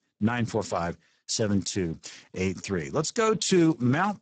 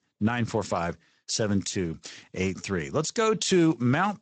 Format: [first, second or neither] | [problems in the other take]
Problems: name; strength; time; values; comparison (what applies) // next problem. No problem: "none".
second | garbled, watery; badly; nothing above 8 kHz; slightly in the second